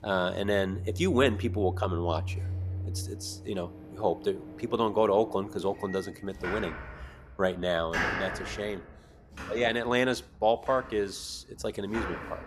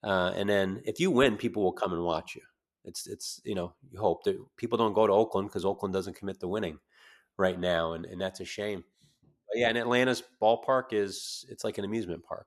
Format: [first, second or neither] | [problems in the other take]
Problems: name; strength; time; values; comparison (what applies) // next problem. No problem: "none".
second | household noises; loud; throughout; 8 dB below the speech